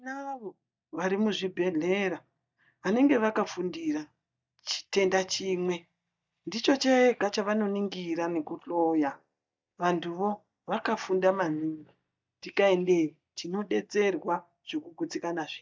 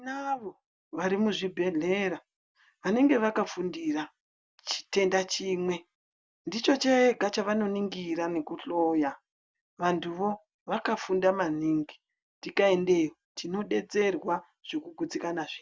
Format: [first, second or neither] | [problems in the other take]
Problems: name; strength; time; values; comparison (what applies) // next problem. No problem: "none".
second | noise reduction (neural mask model DeepFilterNet 3)